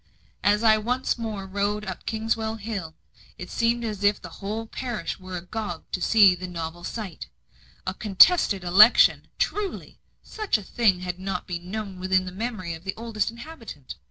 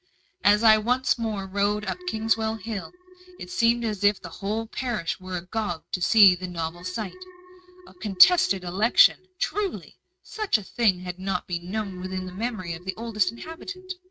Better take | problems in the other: first | noise reduction (neural mask model RNNoise)

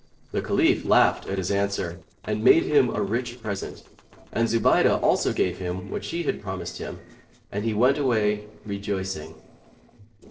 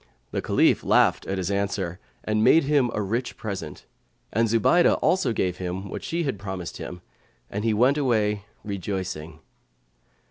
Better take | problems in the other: second | noise reduction (neural separator model SepFormer DNS4)

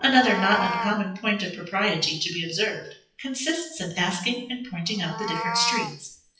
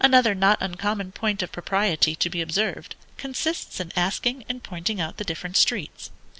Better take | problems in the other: second | noise reduction (classical method WPE with log-MMSE)

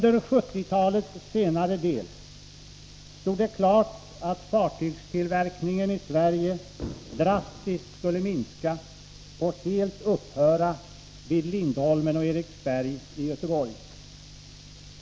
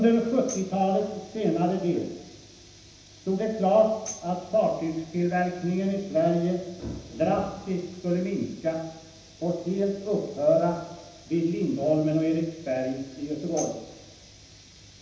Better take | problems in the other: first | background sound (Tambourine); 18 dB below the speech // room echo; dies away in 0.9 s

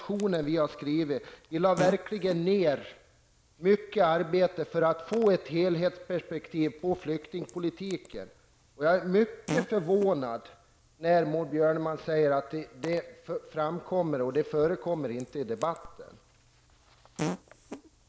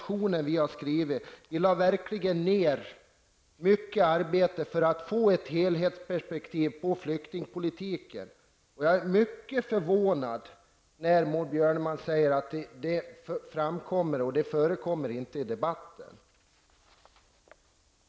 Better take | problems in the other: second | background sound (Fart); 15 dB below the speech

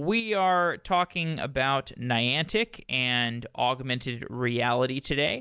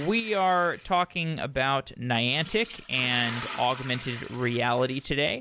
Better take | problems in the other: first | background sound (Liquid); 16 dB below the speech

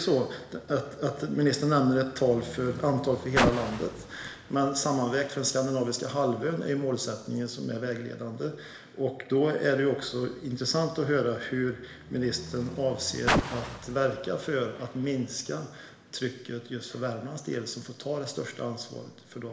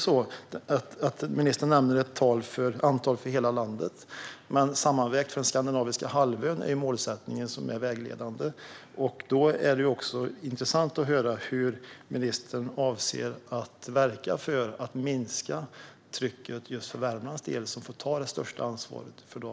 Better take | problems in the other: second | background sound (Car); 10 dB below the speech // room echo; dies away in 1 s

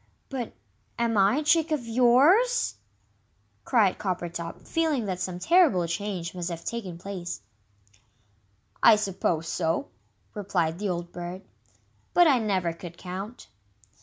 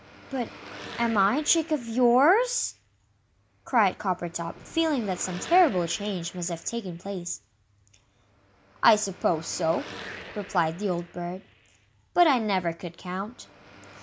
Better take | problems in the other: first | background sound (Car passing by / Traffic noise, roadway noise / Engine); 18 dB below the speech

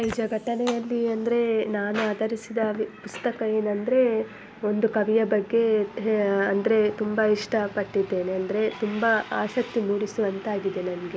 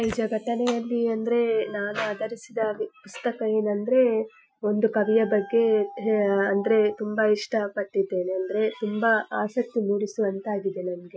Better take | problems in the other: first | noise reduction (classical method Wiener filter)

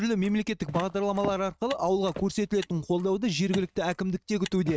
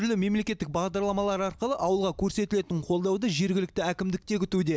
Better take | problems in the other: second | noise reduction (neural mask model RNNoise)

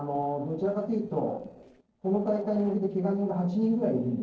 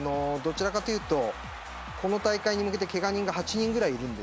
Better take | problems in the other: second | noise reduction (neural separator model SepFormer DNS4)

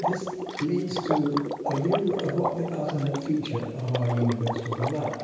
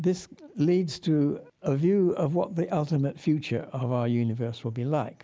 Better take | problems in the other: second | background sound (Water / Liquid); 4 dB below the speech // room echo; dies away in 1.1 s

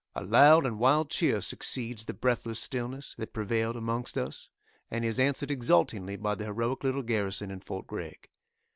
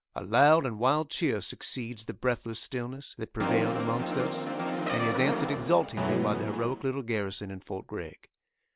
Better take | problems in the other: first | background sound (Brass instrument); as loud as the speech

